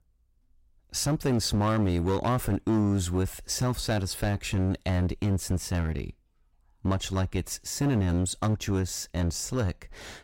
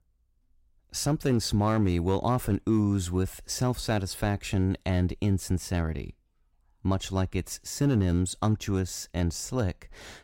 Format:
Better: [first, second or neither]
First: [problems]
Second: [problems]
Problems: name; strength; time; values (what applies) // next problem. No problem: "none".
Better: second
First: distortion; slight; 8% of the sound clipped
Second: none